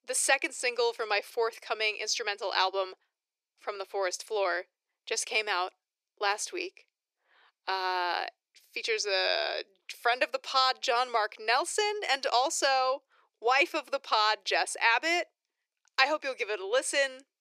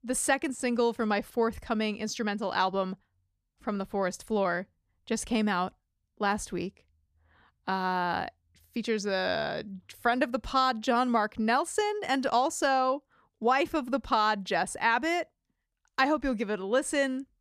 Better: second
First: thin; very; fading below 350 Hz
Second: none

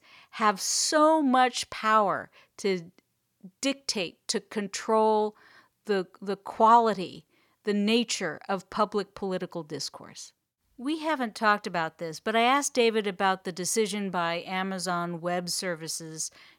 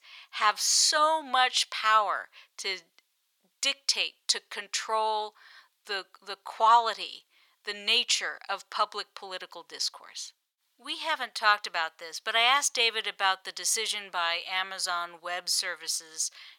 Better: first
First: none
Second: thin; very; fading below 950 Hz

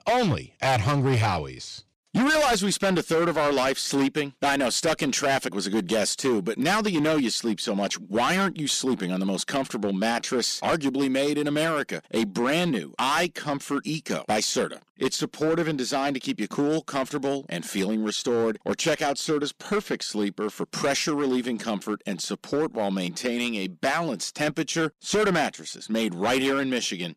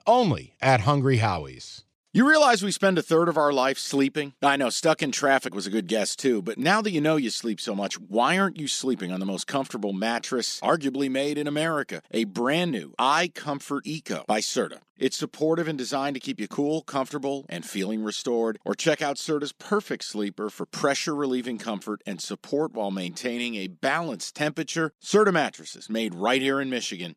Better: second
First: distortion; heavy; 11% of the sound clipped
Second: none

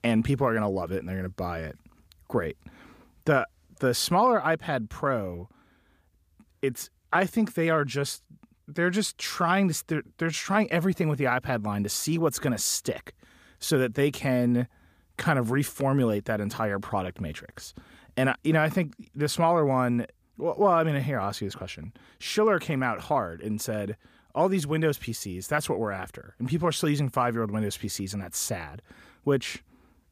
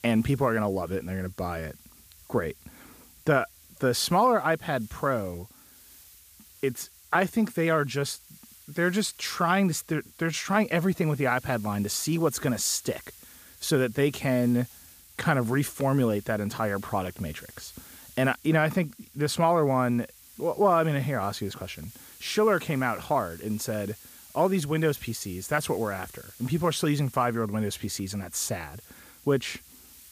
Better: first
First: none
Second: hiss; faint; throughout; 20 dB below the speech

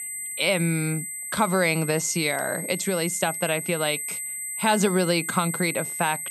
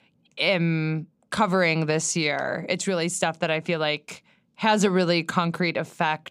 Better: second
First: high-pitched whine; loud; throughout; 8 kHz, 5 dB below the speech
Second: none

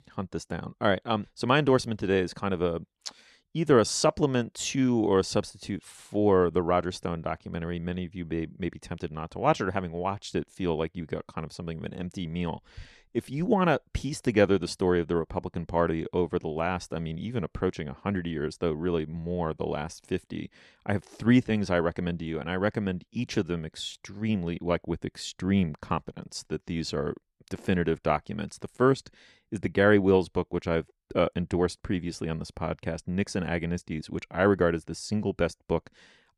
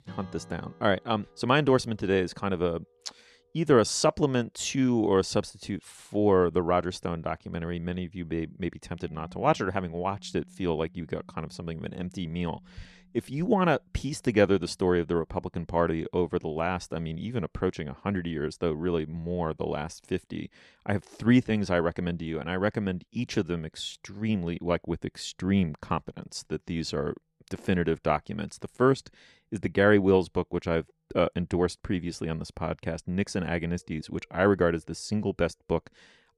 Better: first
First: none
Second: background music; faint; throughout; 25 dB below the speech

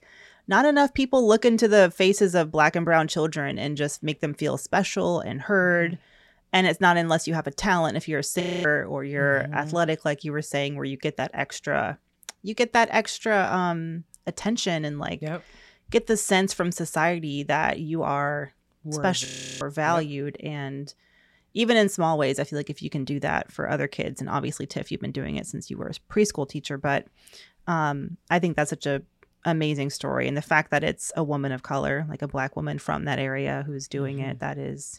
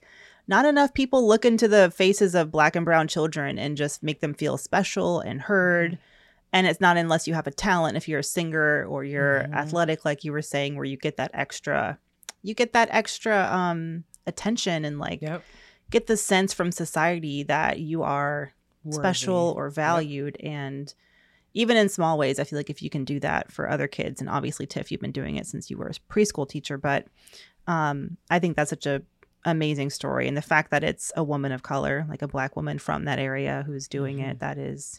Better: second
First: audio freezing; at 8.5 s and at 19 s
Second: none

